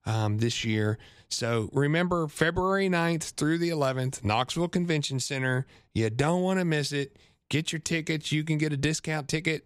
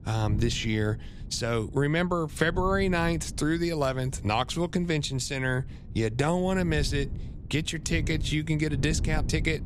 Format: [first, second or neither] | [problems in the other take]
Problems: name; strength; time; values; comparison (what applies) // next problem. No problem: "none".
first | wind noise on the microphone; occasional gusts; 20 dB below the speech